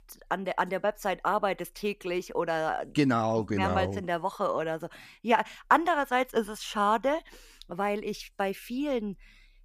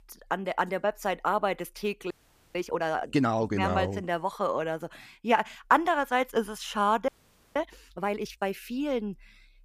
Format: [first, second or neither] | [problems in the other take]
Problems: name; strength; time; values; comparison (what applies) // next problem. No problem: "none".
first | audio freezing; at 2 s and at 7 s